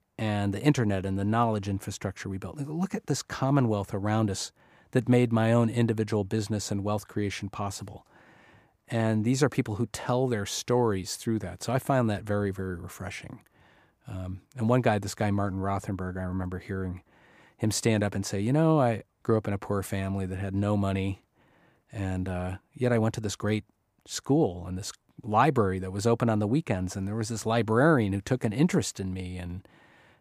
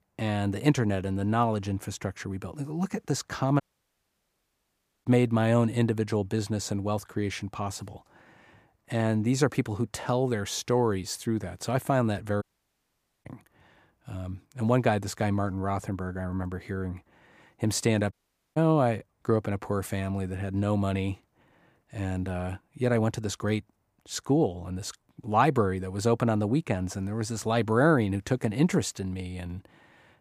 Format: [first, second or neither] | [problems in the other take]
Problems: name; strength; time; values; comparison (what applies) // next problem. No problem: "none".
first | audio cutting out; at 3.5 s for 1.5 s, at 12 s for 1 s and at 18 s